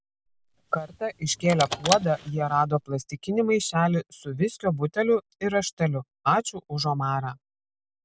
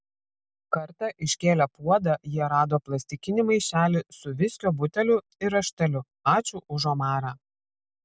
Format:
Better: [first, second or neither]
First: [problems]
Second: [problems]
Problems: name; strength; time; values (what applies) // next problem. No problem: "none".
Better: second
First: background sound (Car); 10 dB below the speech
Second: none